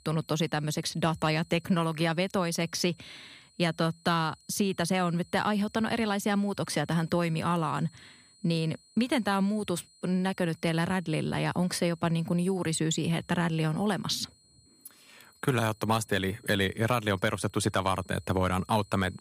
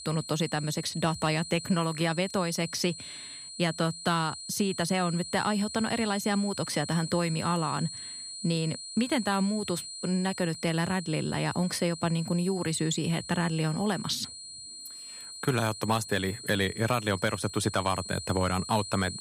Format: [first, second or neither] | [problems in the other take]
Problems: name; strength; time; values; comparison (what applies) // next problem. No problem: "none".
first | high-pitched whine; loud; throughout; 4 kHz, 10 dB below the speech; faint in the first